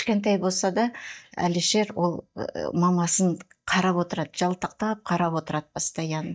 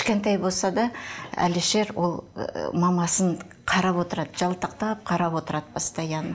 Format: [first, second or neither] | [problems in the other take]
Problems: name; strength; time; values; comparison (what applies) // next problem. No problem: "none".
second | noise reduction (neural mask model DeepFilterNet 3)